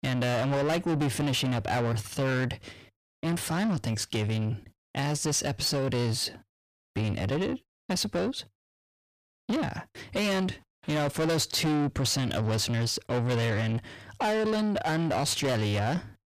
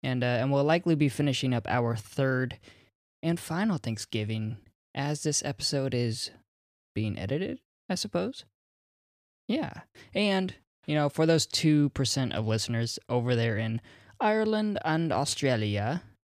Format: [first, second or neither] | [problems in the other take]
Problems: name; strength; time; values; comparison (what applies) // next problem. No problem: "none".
second | distortion; heavy; 6 dB below the speech